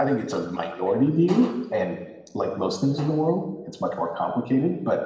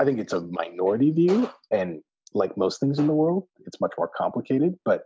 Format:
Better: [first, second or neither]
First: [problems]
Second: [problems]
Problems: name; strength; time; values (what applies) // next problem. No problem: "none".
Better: second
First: room echo; dies away in 1 s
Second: none